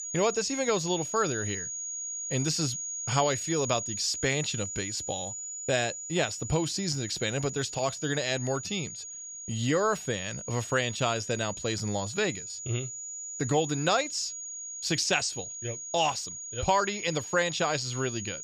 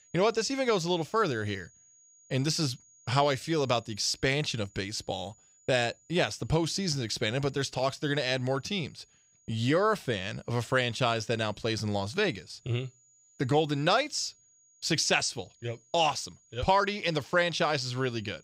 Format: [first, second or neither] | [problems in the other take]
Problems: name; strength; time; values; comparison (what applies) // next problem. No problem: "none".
second | high-pitched whine; loud; throughout; 6.5 kHz, 6 dB below the speech; faint in the second